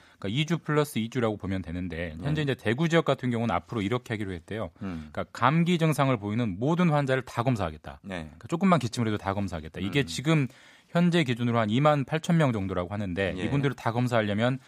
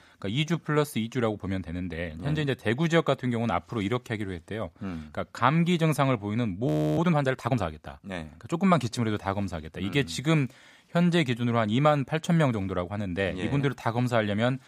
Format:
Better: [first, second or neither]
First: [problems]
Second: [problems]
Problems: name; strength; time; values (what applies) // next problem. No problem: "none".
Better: first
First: none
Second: audio freezing; at 6.5 s